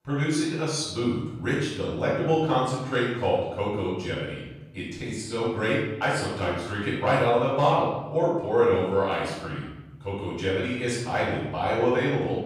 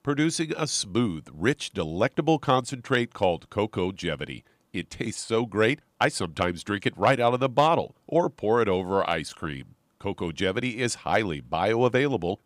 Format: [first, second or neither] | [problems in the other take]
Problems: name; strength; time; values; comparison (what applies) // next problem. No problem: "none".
second | off-mic speech; far // room echo; strong; dies away in 1 s